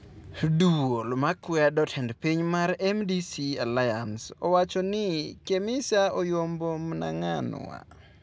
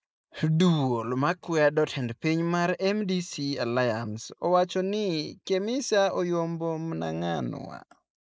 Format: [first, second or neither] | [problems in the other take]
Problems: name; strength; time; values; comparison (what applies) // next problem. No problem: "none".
first | noise reduction (neural mask model Resemble Enhance denoiser)